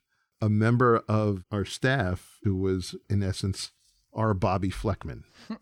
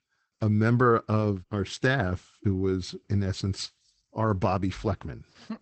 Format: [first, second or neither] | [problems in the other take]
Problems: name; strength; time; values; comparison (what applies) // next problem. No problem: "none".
first | garbled, watery; badly; nothing above 8 kHz